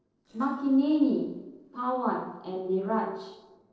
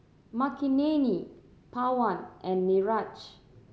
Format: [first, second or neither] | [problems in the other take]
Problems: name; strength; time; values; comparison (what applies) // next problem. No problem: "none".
second | noise reduction (neural separator model SepFormer DNS4)